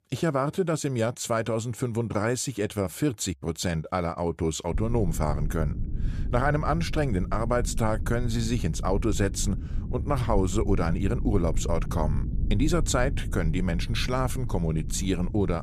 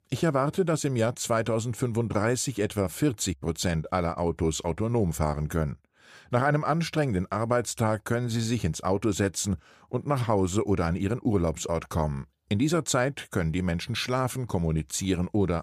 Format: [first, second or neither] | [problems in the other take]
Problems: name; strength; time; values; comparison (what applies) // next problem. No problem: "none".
second | low rumble; noticeable; from 4.5 s on; 15 dB below the speech